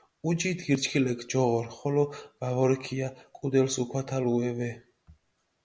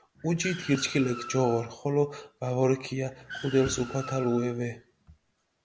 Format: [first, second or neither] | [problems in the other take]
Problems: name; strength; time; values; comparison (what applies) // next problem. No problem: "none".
first | background sound (Car + Bowed string instrument); 15 dB below the speech